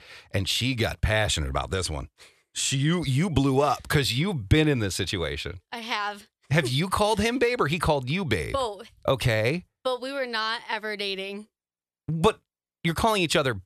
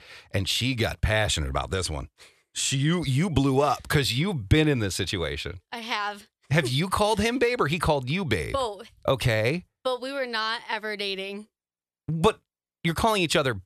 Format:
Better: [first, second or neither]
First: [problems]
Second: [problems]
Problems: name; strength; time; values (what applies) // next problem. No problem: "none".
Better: neither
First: none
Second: none